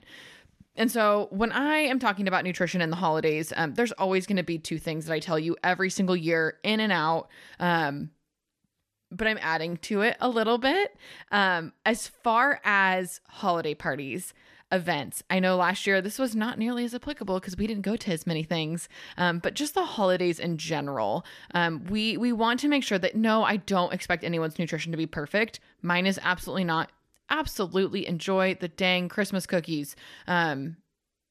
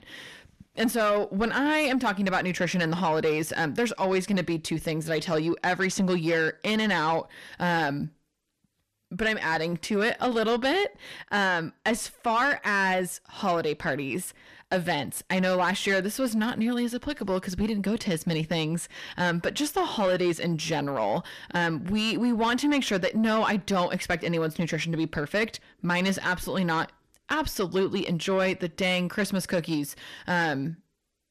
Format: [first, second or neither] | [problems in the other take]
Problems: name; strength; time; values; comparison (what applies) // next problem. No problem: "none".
first | distortion; slight; 10 dB below the speech